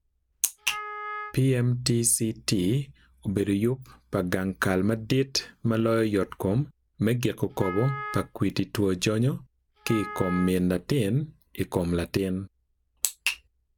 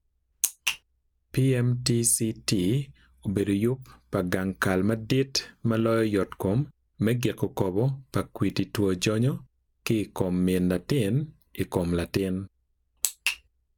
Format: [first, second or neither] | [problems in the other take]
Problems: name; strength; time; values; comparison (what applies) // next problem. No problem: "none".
second | background sound (Wind instrument, woodwind instrument); 12 dB below the speech